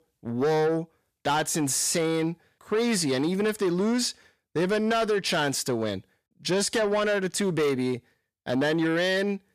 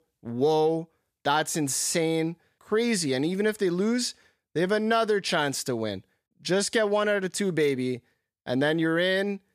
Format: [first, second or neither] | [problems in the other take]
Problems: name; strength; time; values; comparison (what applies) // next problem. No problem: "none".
second | distortion; slight; 10 dB below the speech